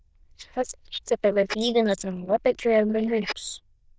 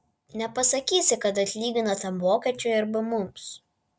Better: second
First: noise reduction (neural diffusion model UNIVERSE++)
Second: none

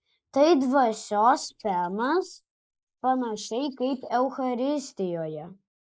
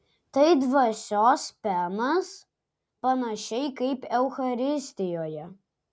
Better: second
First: noise reduction (neural mask model Resemble Enhance denoiser)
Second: none

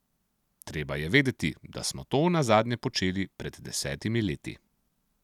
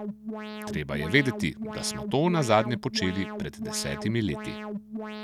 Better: first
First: none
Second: background sound (Alarm); 7 dB below the speech

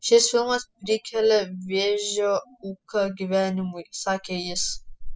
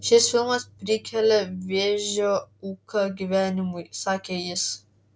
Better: second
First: noise reduction (classical method spectral subtraction)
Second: none

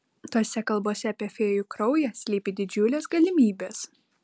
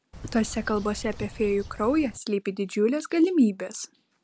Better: first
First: none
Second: background sound (Bird); 14 dB below the speech

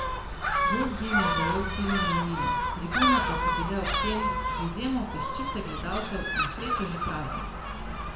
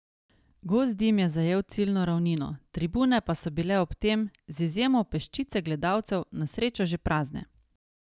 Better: second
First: background sound (Gull, seagull); 4 dB above the speech // room echo; dies away in 0.7 s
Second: none

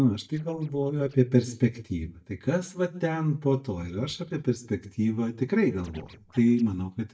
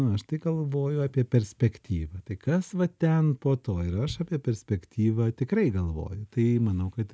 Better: second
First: noise reduction (neural mask model DeepFilterNet 3)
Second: none

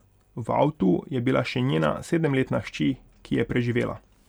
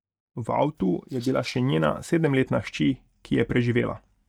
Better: first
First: none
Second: noise reduction (neural mask model DeepFilterNet 3)

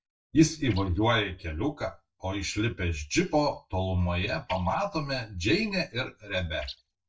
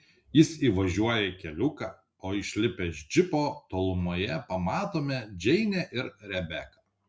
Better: second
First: noise reduction (neural mask model DeepFilterNet 3)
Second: none

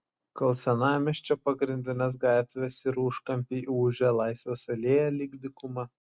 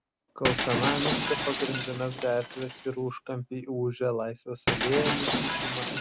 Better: first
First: none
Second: background sound (Shatter); 1 dB below the speech

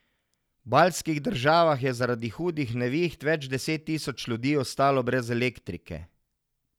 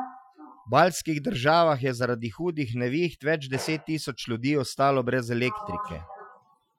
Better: first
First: none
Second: noise reduction (classical method Wiener filter)

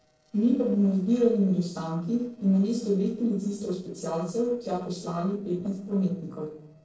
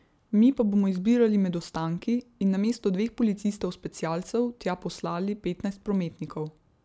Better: second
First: noise reduction (neural separator model SepFormer DNS4)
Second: none

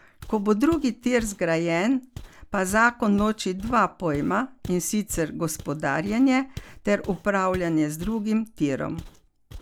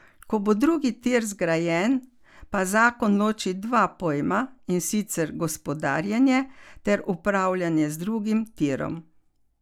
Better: second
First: background sound (Walk, footsteps); 18 dB below the speech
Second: none

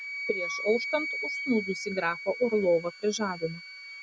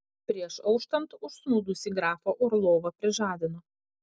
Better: second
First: background sound (Wind instrument, woodwind instrument); 7 dB below the speech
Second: none

